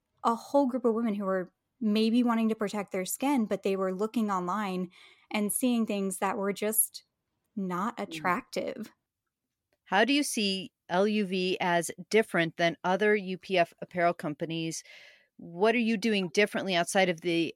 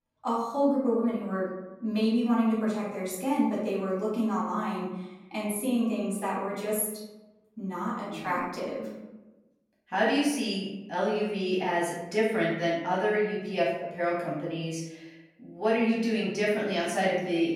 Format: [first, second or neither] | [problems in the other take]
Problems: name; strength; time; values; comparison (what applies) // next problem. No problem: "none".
first | room echo; noticeable; dies away in 0.9 s // off-mic speech; far